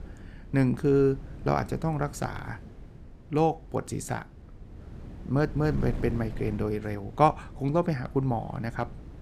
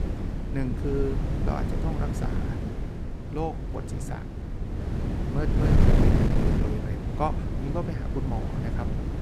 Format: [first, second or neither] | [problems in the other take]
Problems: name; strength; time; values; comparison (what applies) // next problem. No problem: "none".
first | wind noise on the microphone; heavy; as loud as the speech; occasional gusts in the first